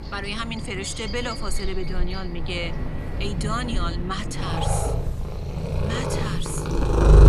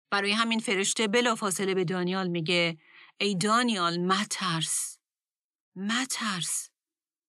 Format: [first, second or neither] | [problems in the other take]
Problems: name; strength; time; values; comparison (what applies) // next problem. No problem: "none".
second | animal sounds; very loud; throughout; 3 dB above the speech